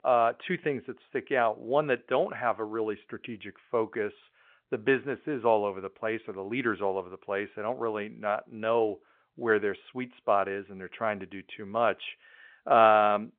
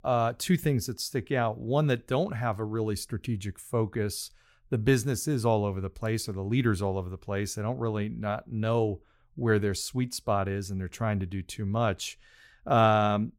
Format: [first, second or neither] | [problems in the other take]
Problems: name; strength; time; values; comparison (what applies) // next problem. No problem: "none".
second | phone-call audio